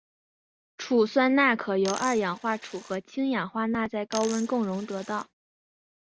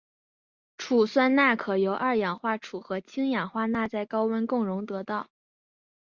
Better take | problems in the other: second | background sound (Coin (dropping)); 14 dB below the speech

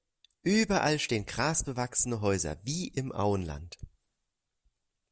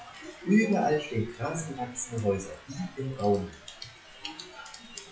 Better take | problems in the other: first | noise reduction (classical method WPE with log-MMSE)

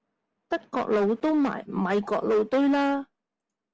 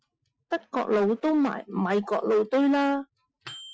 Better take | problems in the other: first | noise reduction (classical method Wiener filter)

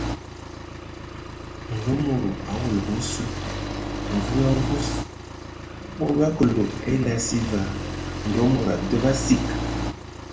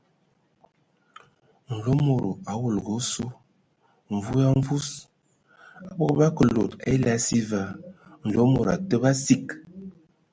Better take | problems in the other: second | background sound (Accelerating, revving, vroom); 5 dB below the speech // room echo; dies away in 0.5 s

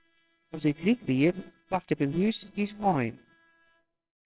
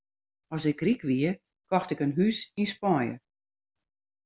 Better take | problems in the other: second | noise reduction (neural separator model SepFormer WHAMR!)

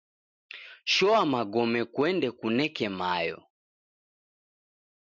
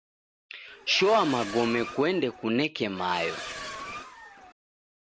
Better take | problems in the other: first | background sound (Accelerating, revving, vroom); 11 dB below the speech

